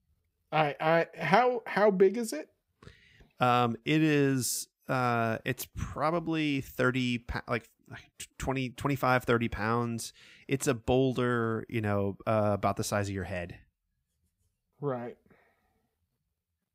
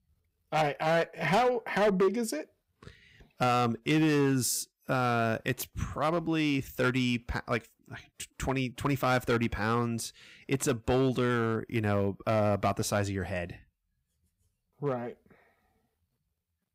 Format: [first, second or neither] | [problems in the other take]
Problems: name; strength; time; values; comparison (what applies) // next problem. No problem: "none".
first | distortion; slight; 4% of the sound clipped